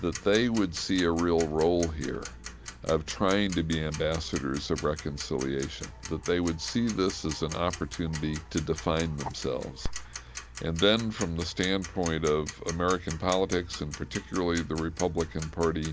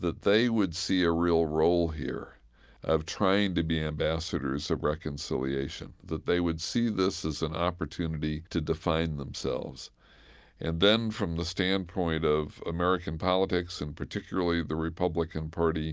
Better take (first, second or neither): second